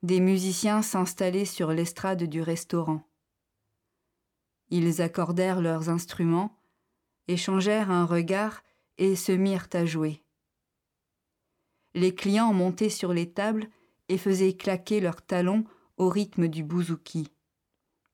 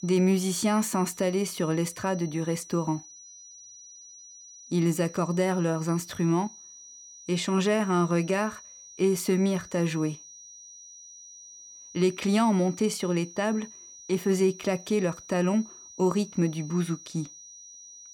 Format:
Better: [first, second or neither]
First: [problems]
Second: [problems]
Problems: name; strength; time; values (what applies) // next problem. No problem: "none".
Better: first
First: none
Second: high-pitched whine; noticeable; throughout; 6 kHz, 20 dB below the speech